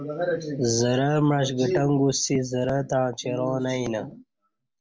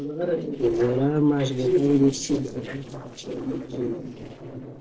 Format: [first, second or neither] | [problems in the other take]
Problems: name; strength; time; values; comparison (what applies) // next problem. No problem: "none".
first | noise reduction (neural separator model SepFormer DNS4)